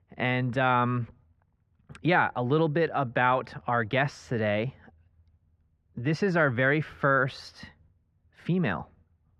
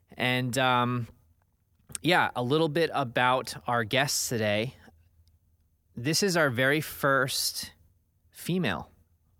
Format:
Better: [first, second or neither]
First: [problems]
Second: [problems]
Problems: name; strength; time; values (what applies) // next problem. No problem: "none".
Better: second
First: muffled; very; fading above 2 kHz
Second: none